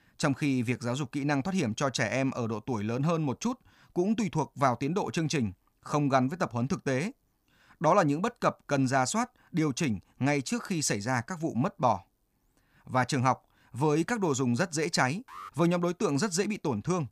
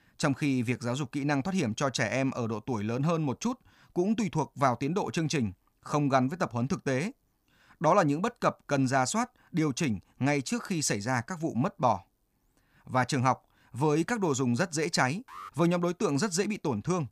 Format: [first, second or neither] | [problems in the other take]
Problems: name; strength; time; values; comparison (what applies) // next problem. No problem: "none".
neither | alarm; faint; at 15 s; peak 15 dB below the speech; the same in both